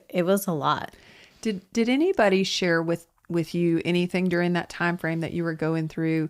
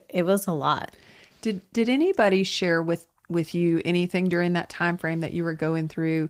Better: first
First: none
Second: garbled, watery; slightly; nothing above 15.5 kHz

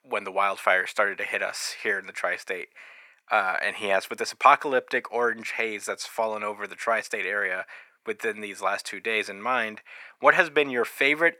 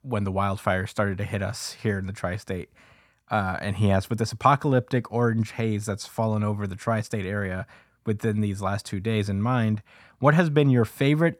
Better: second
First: thin; very; fading below 400 Hz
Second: none

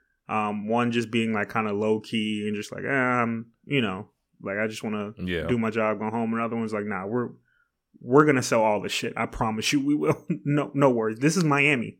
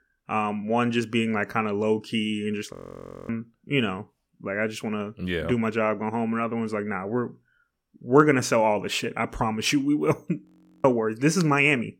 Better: first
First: none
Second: audio freezing; at 2.5 s for 0.5 s and at 10 s

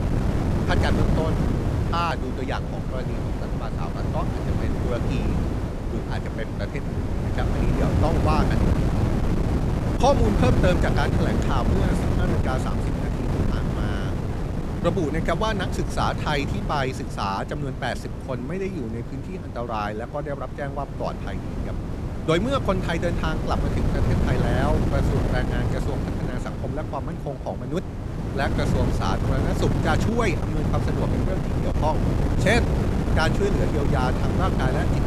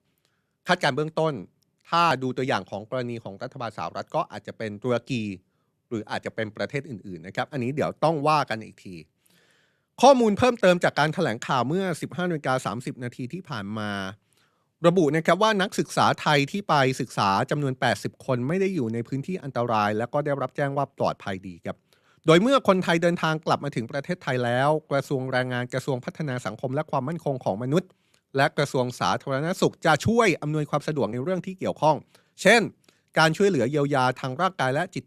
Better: second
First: wind noise on the microphone; heavy; 4 dB below the speech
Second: none

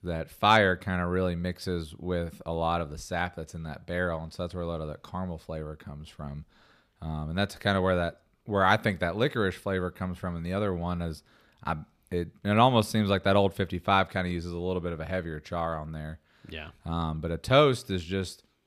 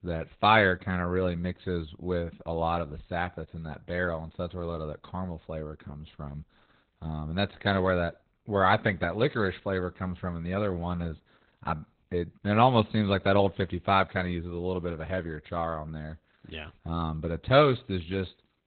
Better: first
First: none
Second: garbled, watery; badly; nothing above 4 kHz

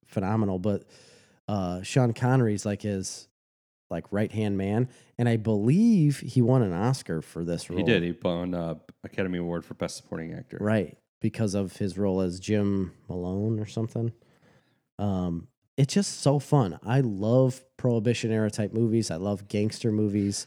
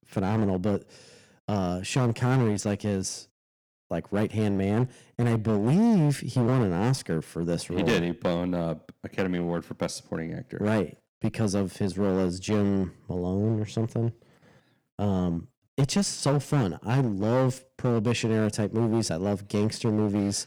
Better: first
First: none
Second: distortion; slight; 10% of the sound clipped

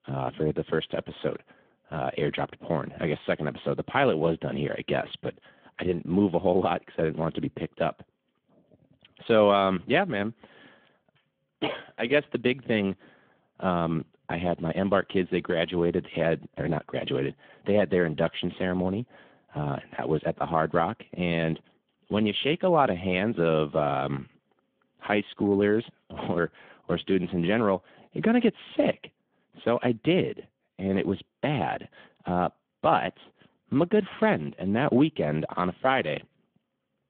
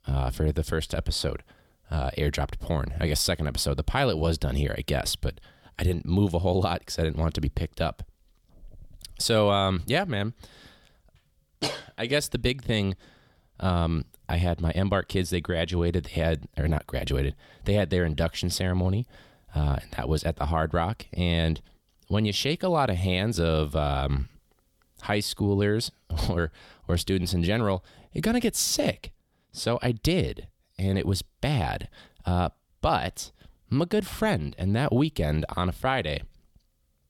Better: second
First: phone-call audio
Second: none

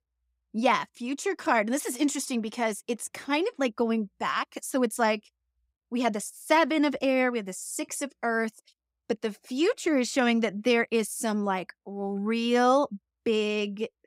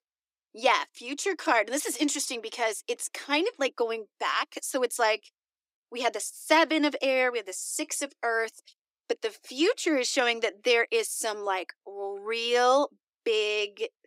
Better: first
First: none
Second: thin; somewhat; fading below 300 Hz

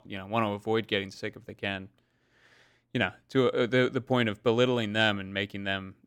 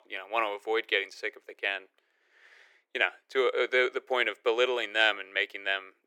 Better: first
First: none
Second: thin; very; fading below 400 Hz

